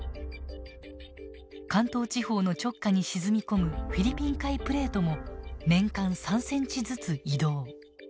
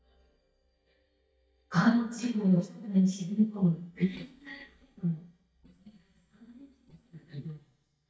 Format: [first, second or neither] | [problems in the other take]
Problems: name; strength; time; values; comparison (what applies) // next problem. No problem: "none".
first | noise reduction (neural mask model DeepFilterNet 3)